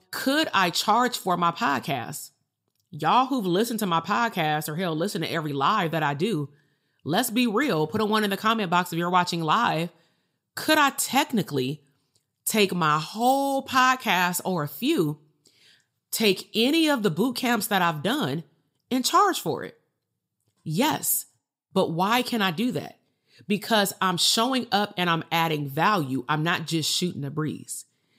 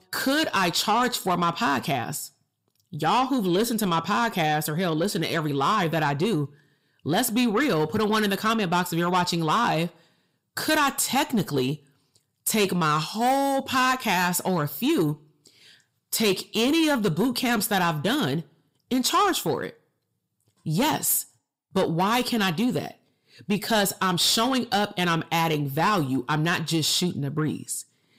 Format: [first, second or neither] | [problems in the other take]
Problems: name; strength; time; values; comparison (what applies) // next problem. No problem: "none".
first | distortion; slight; 10 dB below the speech